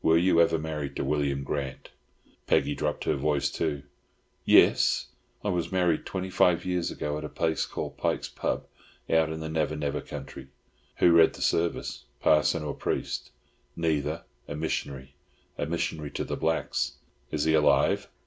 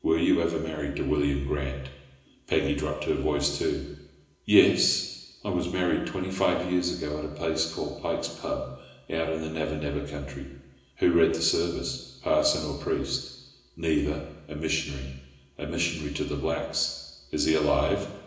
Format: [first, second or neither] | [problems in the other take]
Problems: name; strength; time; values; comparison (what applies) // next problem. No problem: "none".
first | room echo; dies away in 1 s